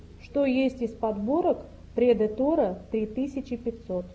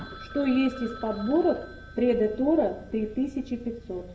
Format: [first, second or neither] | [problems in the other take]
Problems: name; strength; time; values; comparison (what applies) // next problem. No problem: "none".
first | background sound (Telephone); 20 dB below the speech // room echo; dies away in 0.6 s